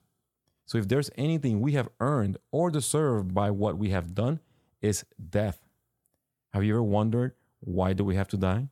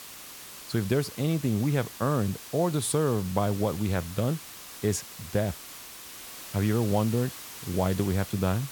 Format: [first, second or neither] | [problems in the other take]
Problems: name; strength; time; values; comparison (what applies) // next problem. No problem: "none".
first | hiss; noticeable; throughout; 10 dB below the speech